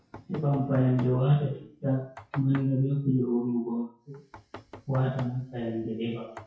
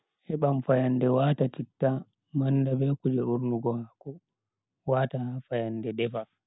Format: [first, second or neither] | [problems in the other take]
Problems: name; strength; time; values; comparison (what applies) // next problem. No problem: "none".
second | noise reduction (classical method WPE with log-MMSE)